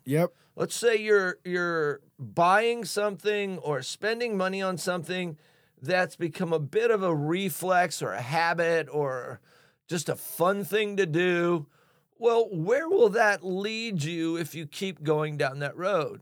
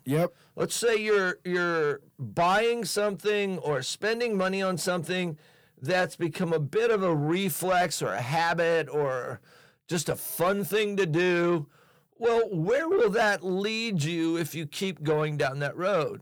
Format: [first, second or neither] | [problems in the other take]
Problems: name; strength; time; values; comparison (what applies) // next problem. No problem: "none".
first | distortion; slight; 10 dB below the speech